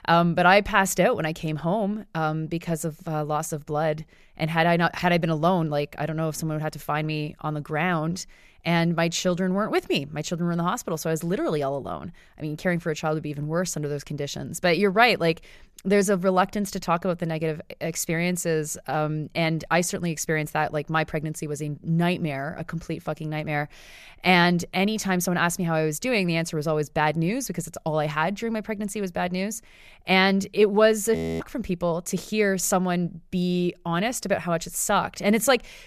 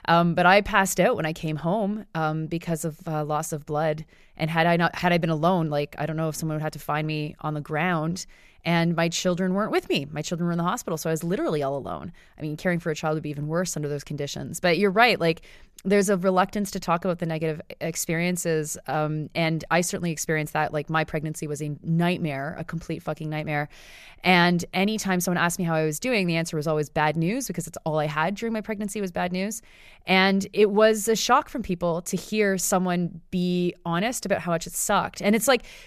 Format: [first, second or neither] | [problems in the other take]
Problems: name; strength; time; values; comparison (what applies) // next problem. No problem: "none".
second | audio freezing; at 31 s